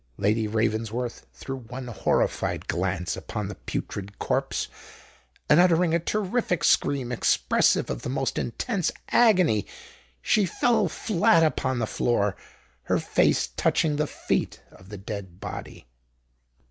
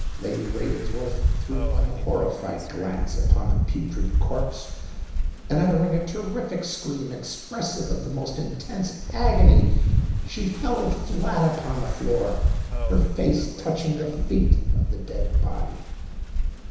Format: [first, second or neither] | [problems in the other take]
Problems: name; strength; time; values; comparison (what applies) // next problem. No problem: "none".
first | background sound (Rain); 5 dB above the speech // room echo; dies away in 1 s